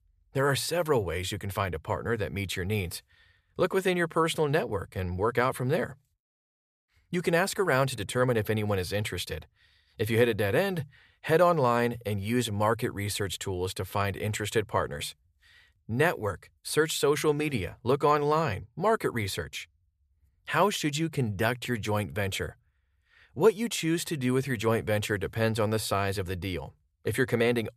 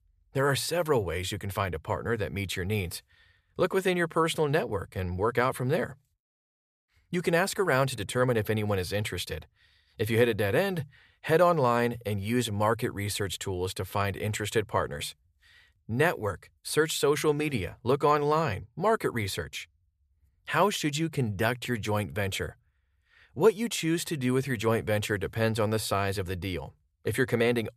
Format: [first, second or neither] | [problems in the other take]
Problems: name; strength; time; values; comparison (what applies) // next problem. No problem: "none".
neither | none